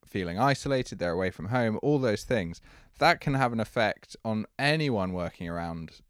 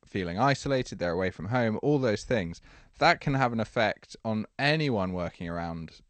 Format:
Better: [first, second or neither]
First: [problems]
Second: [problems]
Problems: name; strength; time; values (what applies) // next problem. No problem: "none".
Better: first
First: none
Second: garbled, watery; slightly; nothing above 8.5 kHz